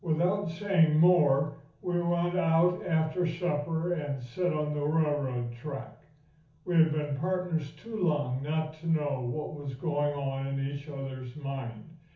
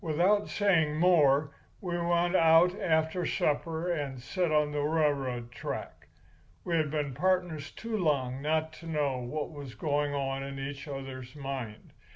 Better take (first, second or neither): second